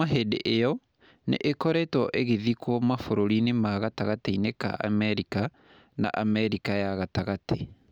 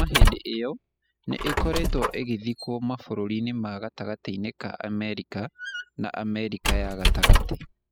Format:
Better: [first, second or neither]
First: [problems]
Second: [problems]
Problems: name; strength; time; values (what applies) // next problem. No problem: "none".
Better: first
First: none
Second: noise reduction (classical method spectral subtraction)